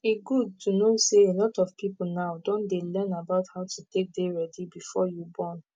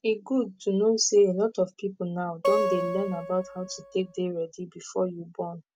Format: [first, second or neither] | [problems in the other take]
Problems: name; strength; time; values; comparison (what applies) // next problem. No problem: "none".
first | background sound (Acoustic guitar); 3 dB below the speech